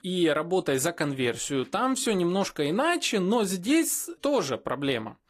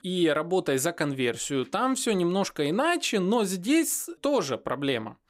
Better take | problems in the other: second | garbled, watery; slightly; nothing above 15.5 kHz

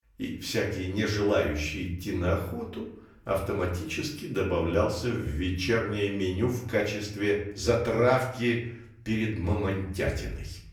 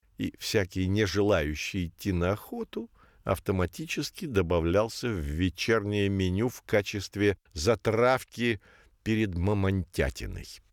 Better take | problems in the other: second | off-mic speech; far // room echo; slight; dies away in 0.6 s

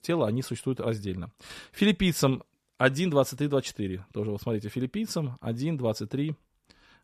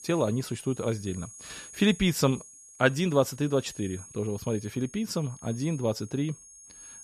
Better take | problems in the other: first | high-pitched whine; noticeable; throughout; 6.5 kHz, 15 dB below the speech

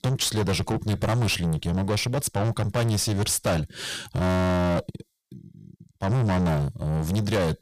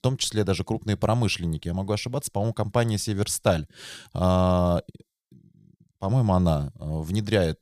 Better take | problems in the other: second | distortion; heavy; 6 dB below the speech

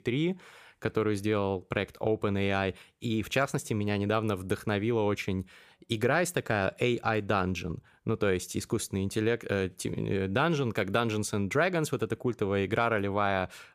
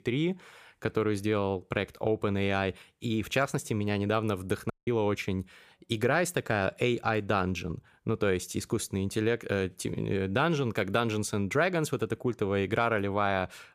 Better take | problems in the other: first | audio cutting out; at 4.5 s

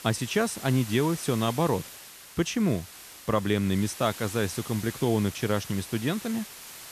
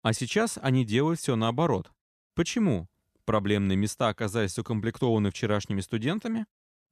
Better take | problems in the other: second | hiss; noticeable; throughout; 15 dB below the speech

